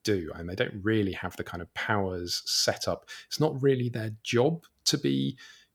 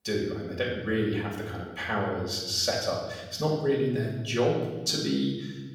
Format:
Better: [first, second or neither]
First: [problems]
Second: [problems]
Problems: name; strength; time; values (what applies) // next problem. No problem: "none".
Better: first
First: none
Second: room echo; noticeable; dies away in 1.1 s // off-mic speech; far